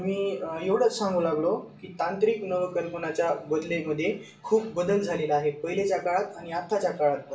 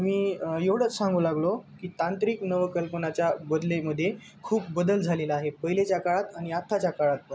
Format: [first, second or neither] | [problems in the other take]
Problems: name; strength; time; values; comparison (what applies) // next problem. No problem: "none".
second | room echo; dies away in 0.4 s